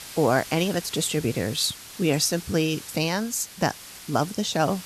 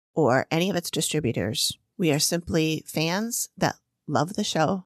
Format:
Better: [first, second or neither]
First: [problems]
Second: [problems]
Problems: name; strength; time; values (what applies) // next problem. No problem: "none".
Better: second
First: hiss; noticeable; throughout; 15 dB below the speech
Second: none